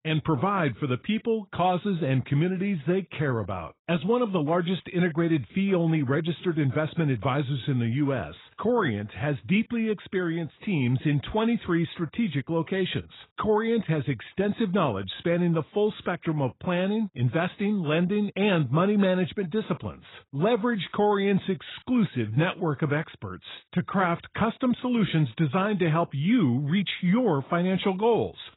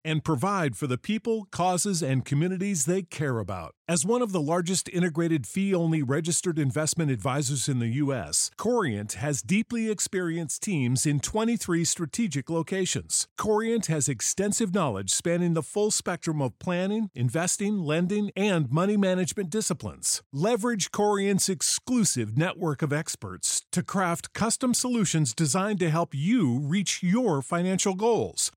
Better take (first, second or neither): second